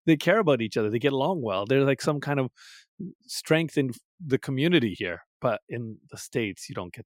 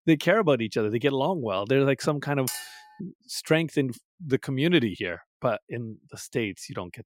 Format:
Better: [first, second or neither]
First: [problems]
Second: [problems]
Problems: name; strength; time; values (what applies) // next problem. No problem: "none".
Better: first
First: none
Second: clattering dishes; noticeable; at 2.5 s; peak 7 dB below the speech